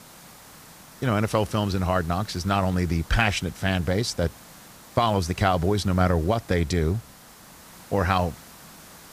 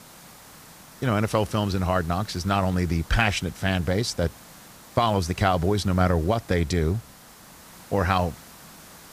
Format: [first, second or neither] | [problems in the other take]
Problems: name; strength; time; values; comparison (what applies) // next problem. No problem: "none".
neither | hiss; faint; throughout; 20 dB below the speech; the same in both